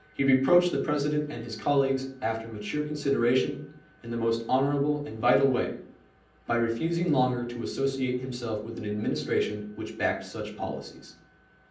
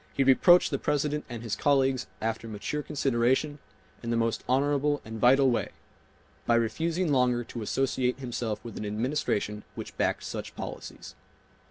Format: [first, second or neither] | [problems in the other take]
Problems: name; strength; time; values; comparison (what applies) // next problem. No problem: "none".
second | room echo; dies away in 0.6 s